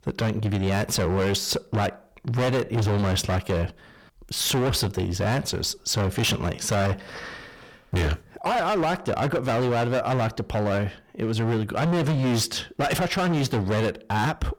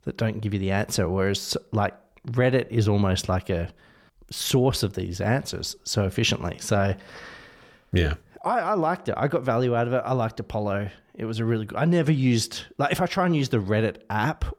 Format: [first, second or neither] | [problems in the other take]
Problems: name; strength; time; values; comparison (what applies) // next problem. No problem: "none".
second | distortion; heavy; 23% of the sound clipped